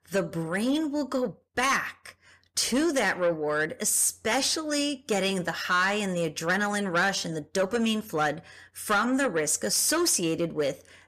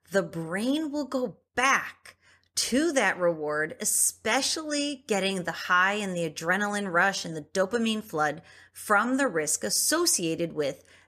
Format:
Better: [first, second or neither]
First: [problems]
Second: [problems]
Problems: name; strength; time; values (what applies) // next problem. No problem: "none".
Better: second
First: distortion; slight; 10 dB below the speech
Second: none